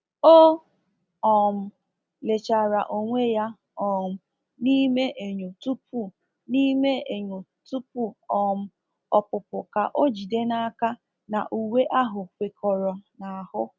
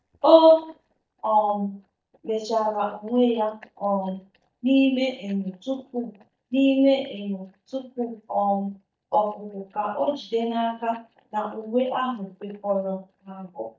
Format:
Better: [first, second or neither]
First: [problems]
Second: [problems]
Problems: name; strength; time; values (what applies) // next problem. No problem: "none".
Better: first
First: none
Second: noise reduction (neural mask model DeepFilterNet 3)